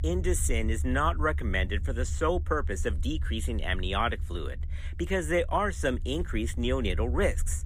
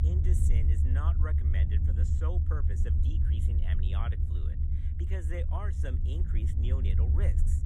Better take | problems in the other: first | low rumble; loud; throughout; 1 dB below the speech; faint in the first

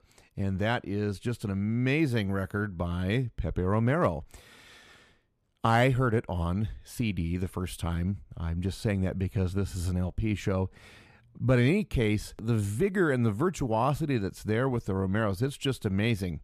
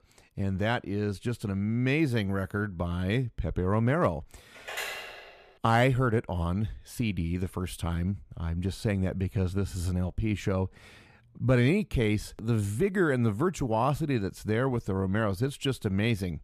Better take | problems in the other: first | phone ringing; noticeable; at 4.5 s; peak 5 dB below the speech

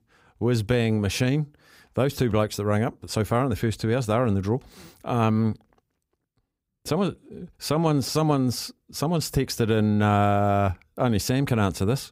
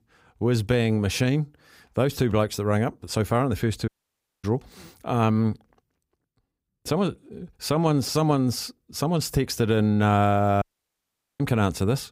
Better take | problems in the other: first | audio cutting out; at 4 s for 0.5 s and at 11 s for 1 s

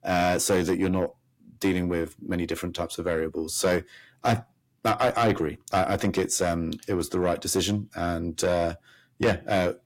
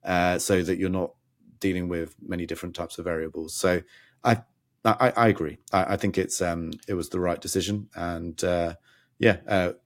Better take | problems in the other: second | distortion; heavy; 8 dB below the speech

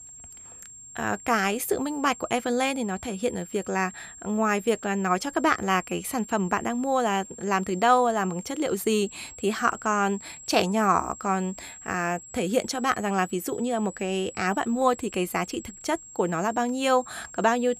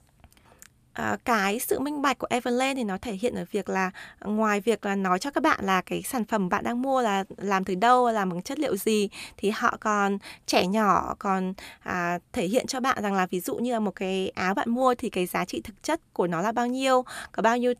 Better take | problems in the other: second | high-pitched whine; noticeable; throughout; 7.5 kHz, 15 dB below the speech

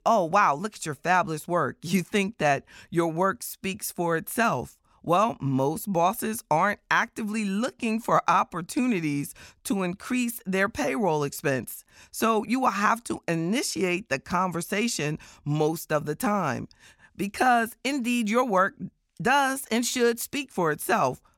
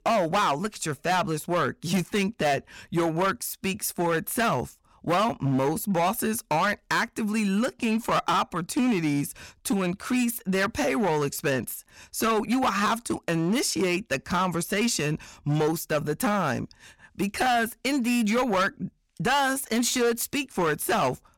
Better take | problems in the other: first | distortion; heavy; 12% of the sound clipped

